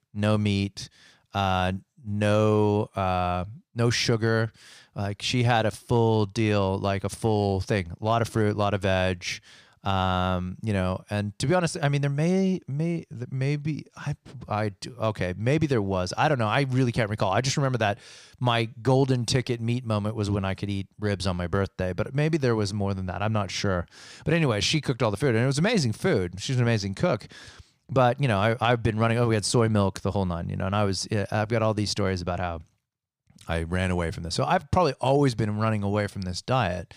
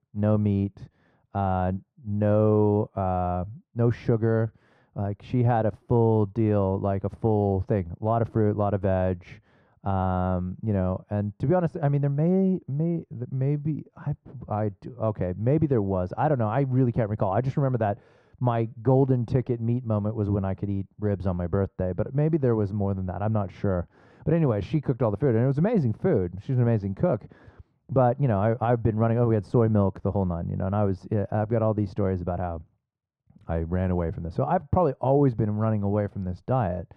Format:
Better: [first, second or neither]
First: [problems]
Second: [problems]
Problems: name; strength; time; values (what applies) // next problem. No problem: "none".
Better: first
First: none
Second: muffled; very; fading above 2 kHz